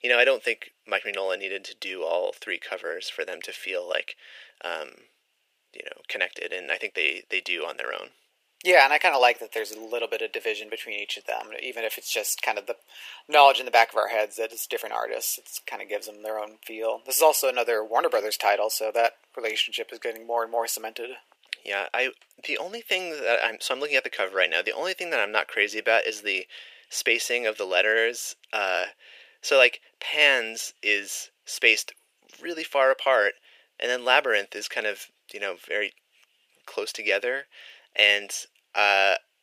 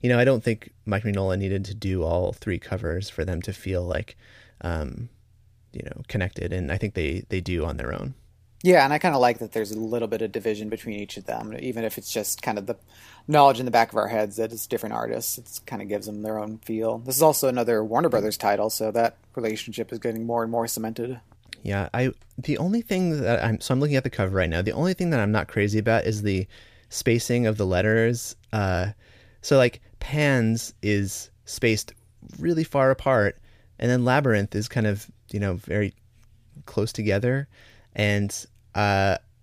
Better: second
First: thin; very; fading below 450 Hz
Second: none

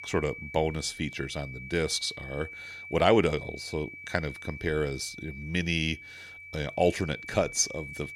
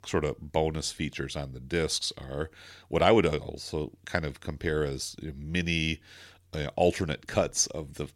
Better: second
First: high-pitched whine; noticeable; throughout; 2.5 kHz, 10 dB below the speech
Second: none

